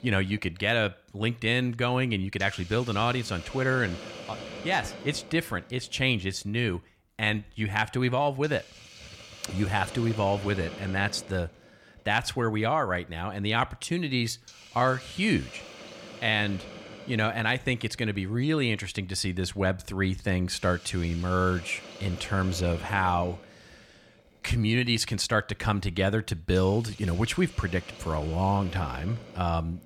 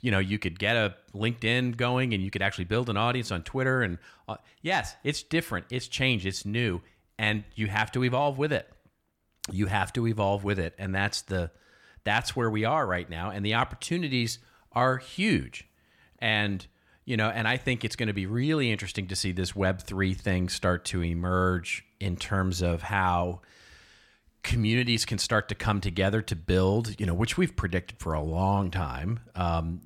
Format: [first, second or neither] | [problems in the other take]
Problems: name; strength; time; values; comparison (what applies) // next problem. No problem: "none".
second | hiss; noticeable; throughout; 15 dB below the speech